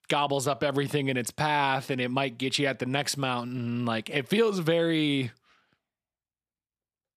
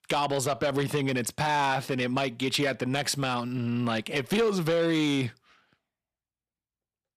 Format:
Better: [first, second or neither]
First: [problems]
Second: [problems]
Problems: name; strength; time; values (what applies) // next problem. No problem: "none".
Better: first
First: none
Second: distortion; slight; 10 dB below the speech